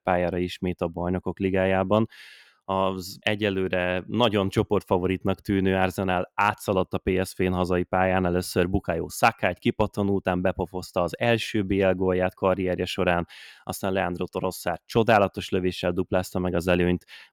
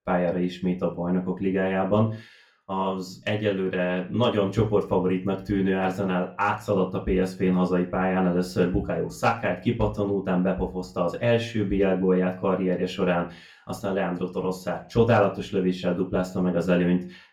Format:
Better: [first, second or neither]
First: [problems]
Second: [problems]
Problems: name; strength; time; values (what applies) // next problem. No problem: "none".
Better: first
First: none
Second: room echo; very slight; dies away in 0.3 s // off-mic speech; far